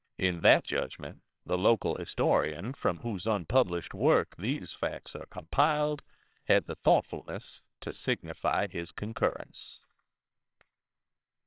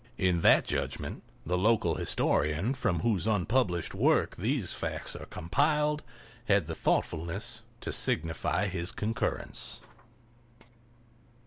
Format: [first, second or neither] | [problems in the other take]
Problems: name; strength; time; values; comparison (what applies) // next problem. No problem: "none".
second | noise reduction (neural separator model SepFormer WHAMR!)